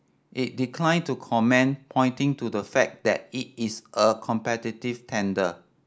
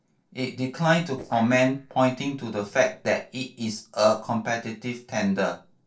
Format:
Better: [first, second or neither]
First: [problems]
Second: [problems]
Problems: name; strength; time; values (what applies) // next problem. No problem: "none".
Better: first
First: none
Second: noise reduction (neural separator model SepFormer DNS4)